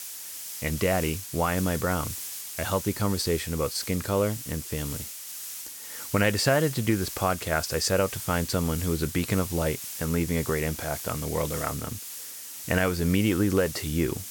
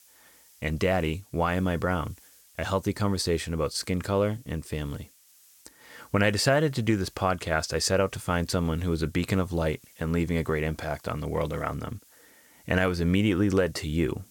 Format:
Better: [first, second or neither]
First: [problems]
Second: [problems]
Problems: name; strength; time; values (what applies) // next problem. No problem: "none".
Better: second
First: hiss; loud; throughout; 8 dB below the speech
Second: hiss; faint; throughout; 25 dB below the speech